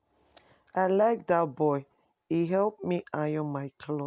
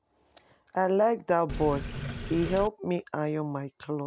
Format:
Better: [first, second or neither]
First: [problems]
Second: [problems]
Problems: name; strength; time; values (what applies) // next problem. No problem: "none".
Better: first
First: none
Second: background sound (Sink (filling or washing)); 6 dB below the speech